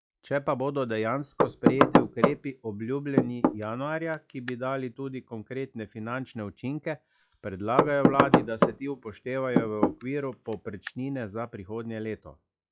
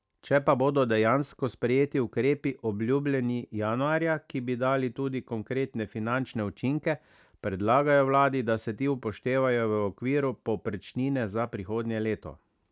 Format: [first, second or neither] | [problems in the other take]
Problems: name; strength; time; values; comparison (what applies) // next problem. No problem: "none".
second | noise reduction (classical method log-MMSE)